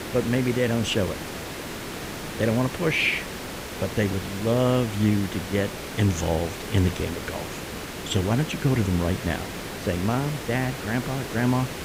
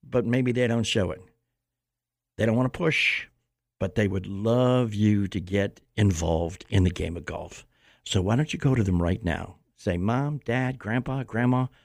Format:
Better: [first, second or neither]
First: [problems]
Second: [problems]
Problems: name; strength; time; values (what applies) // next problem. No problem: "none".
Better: second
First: hiss; loud; throughout; 8 dB below the speech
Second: none